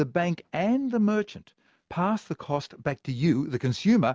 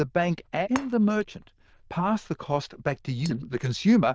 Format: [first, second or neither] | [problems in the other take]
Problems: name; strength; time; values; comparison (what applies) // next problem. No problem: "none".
first | noise reduction (neural diffusion model UNIVERSE++)